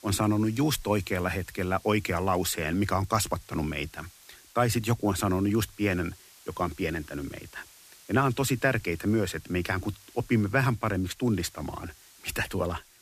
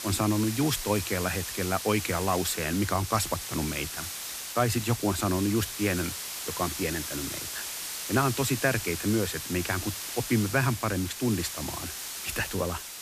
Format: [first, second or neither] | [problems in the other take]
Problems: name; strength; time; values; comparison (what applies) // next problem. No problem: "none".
first | hiss; loud; throughout; 5 dB below the speech; faint in the first